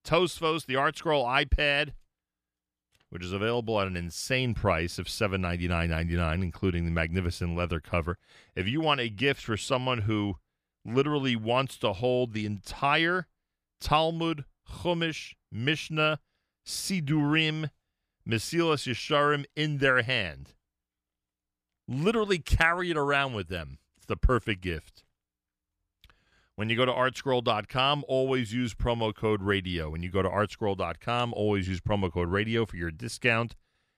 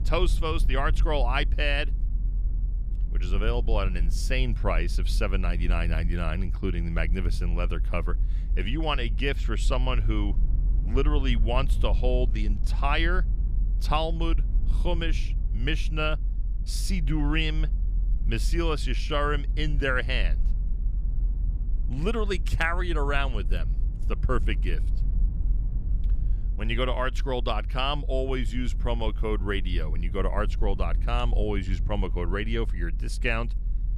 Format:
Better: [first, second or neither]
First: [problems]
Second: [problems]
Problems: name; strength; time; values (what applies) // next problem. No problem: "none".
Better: first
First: none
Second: low rumble; noticeable; throughout; 20 dB below the speech